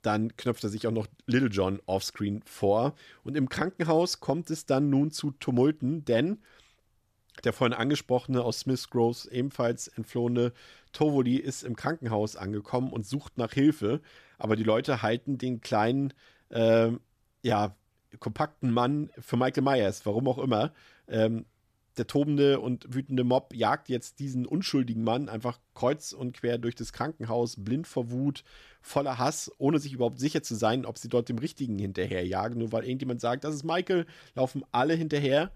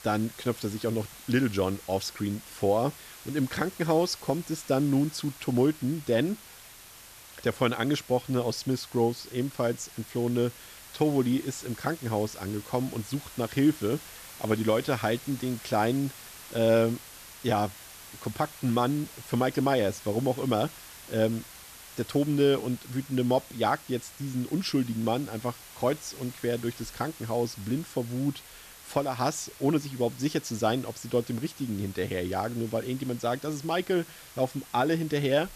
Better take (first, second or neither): first